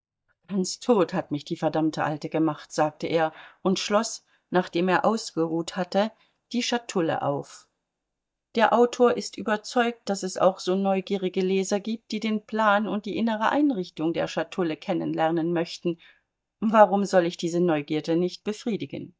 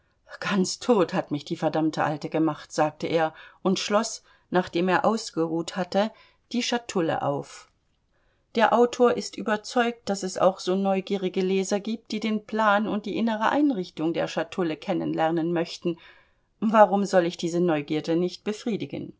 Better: second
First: noise reduction (neural mask model DeepFilterNet 3)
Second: none

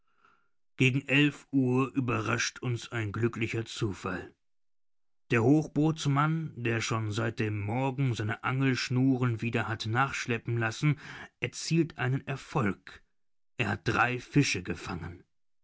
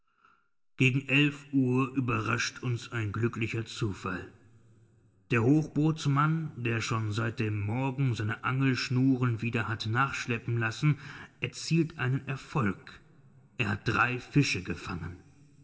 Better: first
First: none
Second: room echo; dies away in 2.1 s

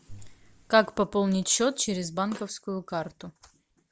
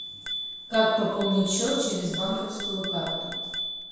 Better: first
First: none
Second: background sound (Bicycle bell); 7 dB below the speech // room echo; dies away in 1.1 s

